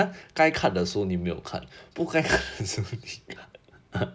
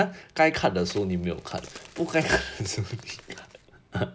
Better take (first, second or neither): first